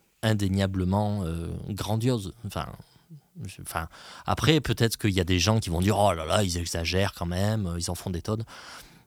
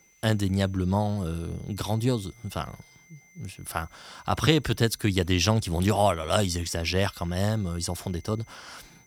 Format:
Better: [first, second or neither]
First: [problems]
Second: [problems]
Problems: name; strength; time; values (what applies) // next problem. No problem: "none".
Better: first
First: none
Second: high-pitched whine; faint; throughout; 2 kHz, 30 dB below the speech